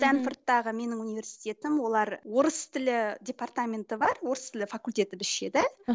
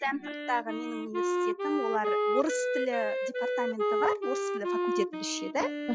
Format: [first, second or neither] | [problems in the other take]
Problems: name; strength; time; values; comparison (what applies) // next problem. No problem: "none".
first | noise reduction (classical method Wiener filter)